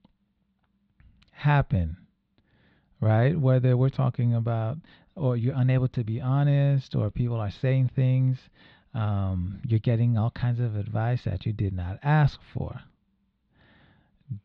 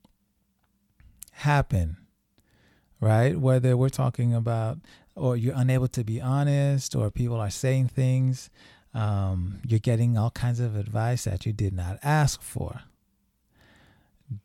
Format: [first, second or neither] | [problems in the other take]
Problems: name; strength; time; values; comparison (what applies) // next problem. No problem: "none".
second | muffled; slightly; fading above 4 kHz